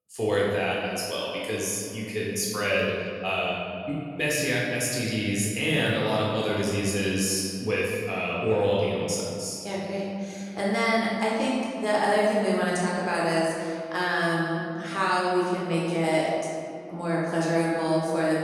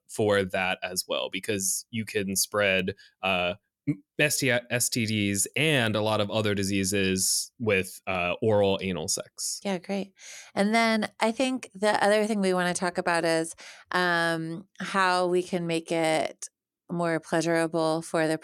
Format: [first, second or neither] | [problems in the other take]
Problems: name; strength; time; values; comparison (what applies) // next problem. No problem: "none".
second | off-mic speech; far // room echo; strong; dies away in 2.1 s